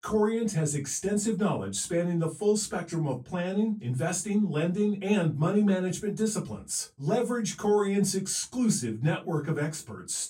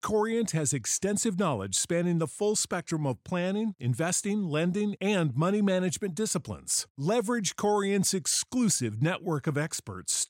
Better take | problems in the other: second | off-mic speech; far // room echo; very slight; dies away in 0.2 s

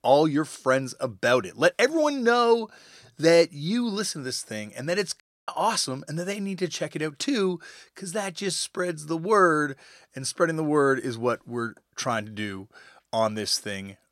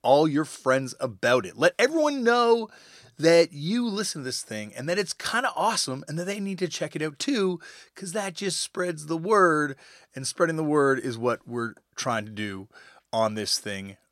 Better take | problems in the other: second | audio cutting out; at 5 s

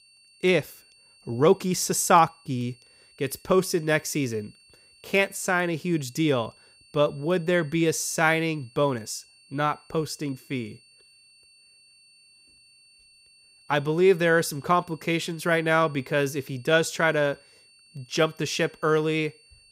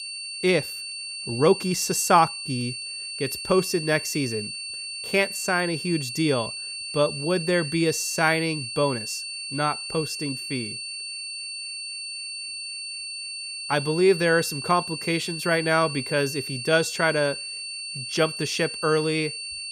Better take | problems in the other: first | high-pitched whine; loud; throughout; 4.5 kHz, 7 dB below the speech; faint in the first

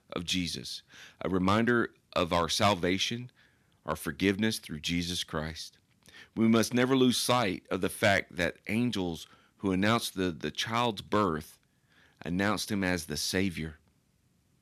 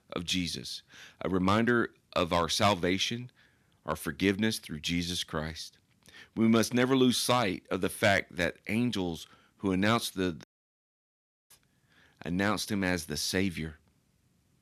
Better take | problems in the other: first | audio cutting out; at 10 s for 1 s

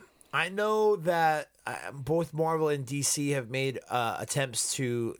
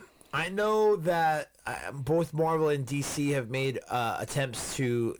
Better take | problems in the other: first | distortion; slight; 9 dB below the speech

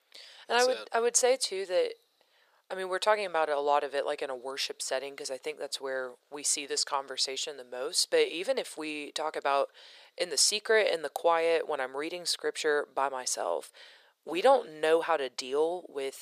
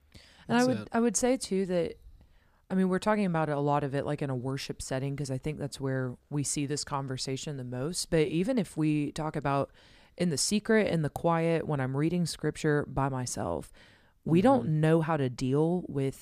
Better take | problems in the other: second | thin; very; fading below 500 Hz

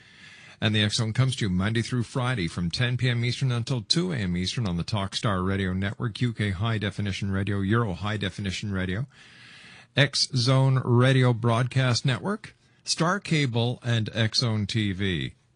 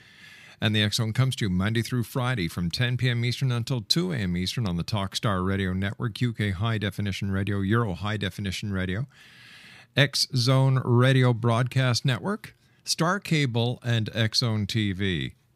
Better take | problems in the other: second | garbled, watery; slightly; nothing above 10 kHz

